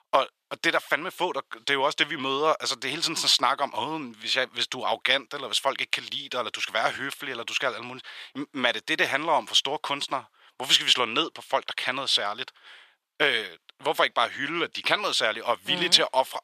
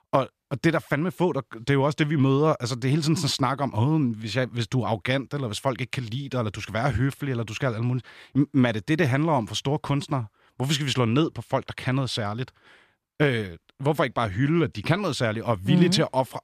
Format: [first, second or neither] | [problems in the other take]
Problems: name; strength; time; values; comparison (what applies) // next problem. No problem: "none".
second | thin; very; fading below 650 Hz